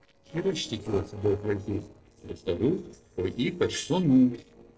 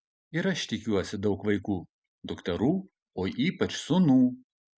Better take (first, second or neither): second